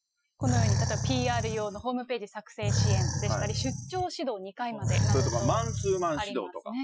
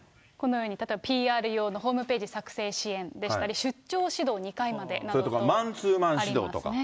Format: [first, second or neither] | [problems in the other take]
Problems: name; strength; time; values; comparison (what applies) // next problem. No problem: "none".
second | noise reduction (classical method Wiener filter)